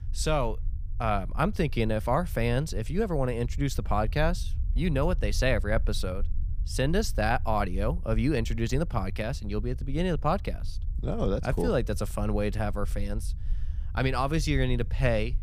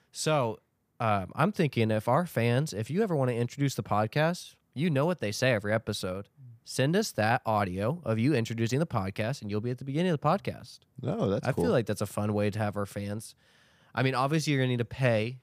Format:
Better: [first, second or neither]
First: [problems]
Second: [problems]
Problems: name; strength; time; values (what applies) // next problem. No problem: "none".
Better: second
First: low rumble; faint; throughout; 25 dB below the speech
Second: none